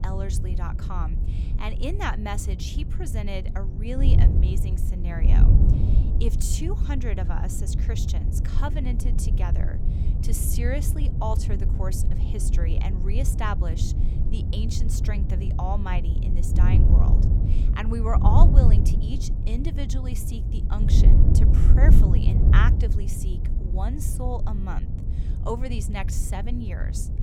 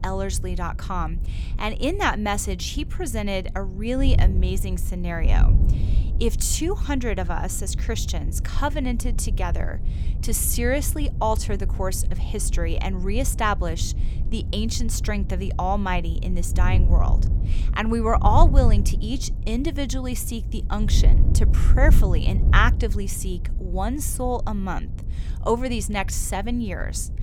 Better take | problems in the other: second | wind noise on the microphone; heavy; 4 dB below the speech; occasional gusts in the second

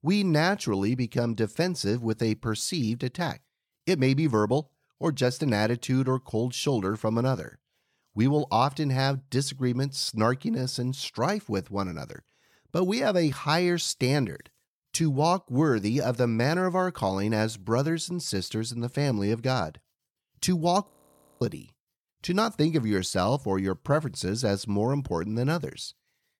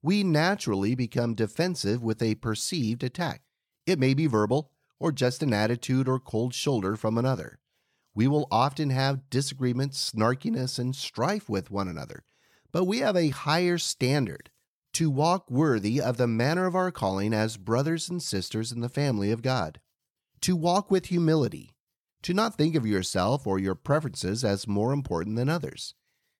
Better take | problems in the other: second | audio freezing; at 21 s for 0.5 s

